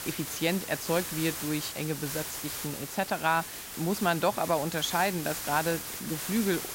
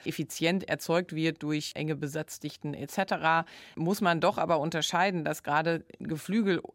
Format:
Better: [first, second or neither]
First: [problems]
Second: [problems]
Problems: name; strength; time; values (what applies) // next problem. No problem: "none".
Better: second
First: hiss; loud; throughout; 5 dB below the speech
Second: none